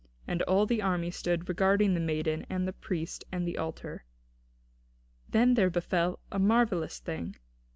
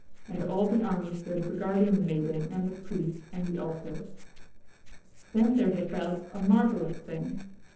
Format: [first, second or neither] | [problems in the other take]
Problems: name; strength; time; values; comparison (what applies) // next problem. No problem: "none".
first | noise reduction (neural separator model SepFormer DNS4)